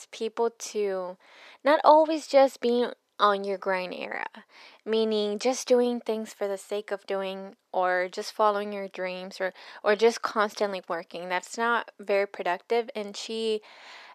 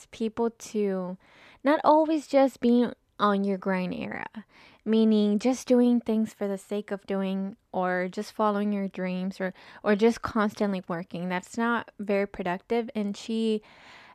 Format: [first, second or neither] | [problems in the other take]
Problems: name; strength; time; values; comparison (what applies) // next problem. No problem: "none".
second | thin; somewhat; fading below 500 Hz